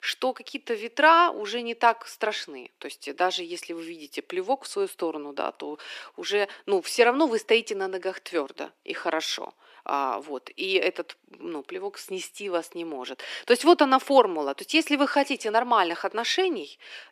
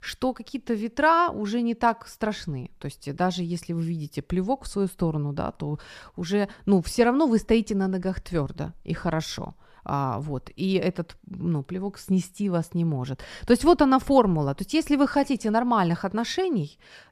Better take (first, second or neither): second